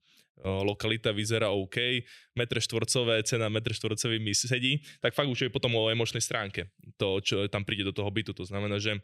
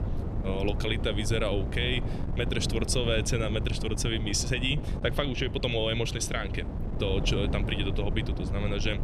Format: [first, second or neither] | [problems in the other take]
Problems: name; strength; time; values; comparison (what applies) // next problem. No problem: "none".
first | wind noise on the microphone; occasional gusts; 10 dB below the speech